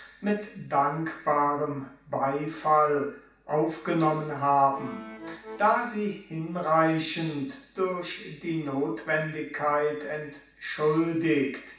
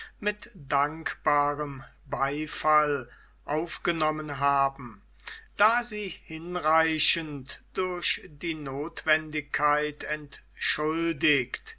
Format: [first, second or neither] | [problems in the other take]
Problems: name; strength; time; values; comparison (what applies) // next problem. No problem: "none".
second | background sound (Accordion); 13 dB below the speech // room echo; dies away in 0.7 s